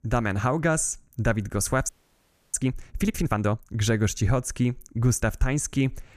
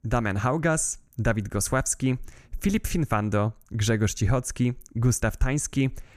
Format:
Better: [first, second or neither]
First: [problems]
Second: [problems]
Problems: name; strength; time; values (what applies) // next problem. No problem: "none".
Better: second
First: audio freezing; at 2 s for 0.5 s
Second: none